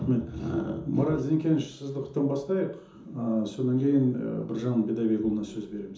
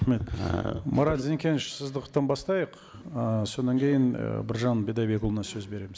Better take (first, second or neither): second